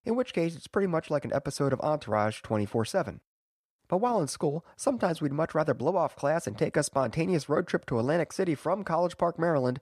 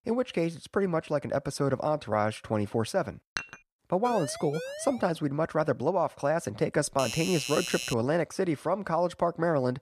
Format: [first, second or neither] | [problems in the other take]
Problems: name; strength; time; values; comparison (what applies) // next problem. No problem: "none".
first | clattering dishes; noticeable; at 3.5 s; peak 8 dB below the speech // siren; noticeable; at 4 s; peak 9 dB below the speech // doorbell; noticeable; from 7 to 8 s; peak 3 dB below the speech